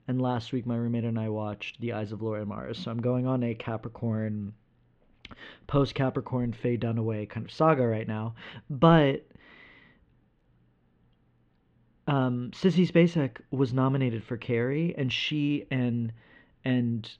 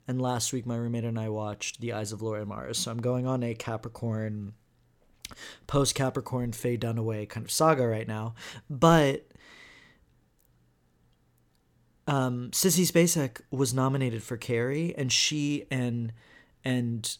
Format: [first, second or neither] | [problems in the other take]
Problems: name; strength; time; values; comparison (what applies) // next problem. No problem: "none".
second | muffled; very; fading above 3 kHz